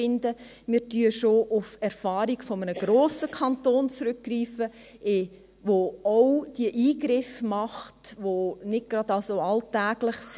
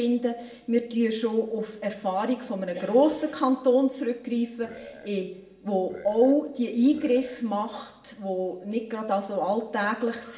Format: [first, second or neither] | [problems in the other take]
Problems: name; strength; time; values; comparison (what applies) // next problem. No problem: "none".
first | background sound (Burping, eructation); 19 dB below the speech // room echo; dies away in 0.6 s